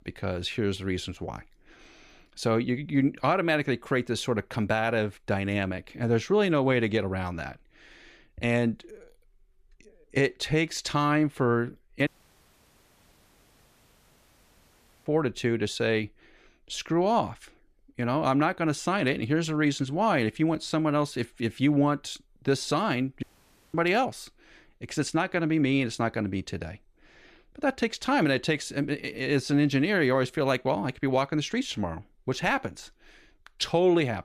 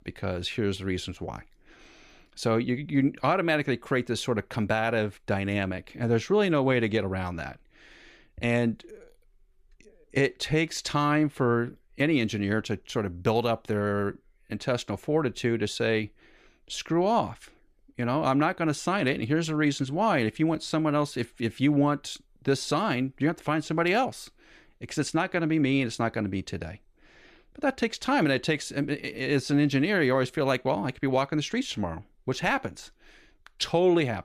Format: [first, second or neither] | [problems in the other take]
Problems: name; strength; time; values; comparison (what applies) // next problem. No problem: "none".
second | audio cutting out; at 12 s for 3 s and at 23 s for 0.5 s